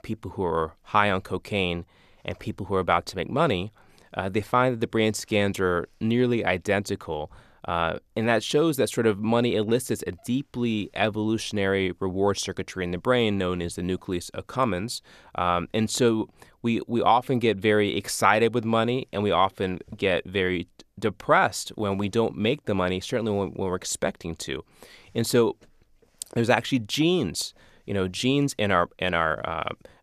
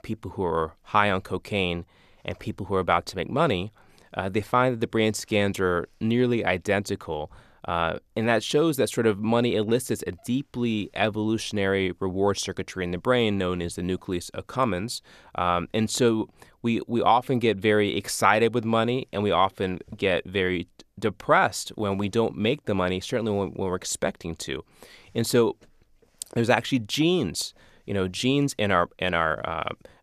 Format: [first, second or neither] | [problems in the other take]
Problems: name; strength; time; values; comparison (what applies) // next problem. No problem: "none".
neither | none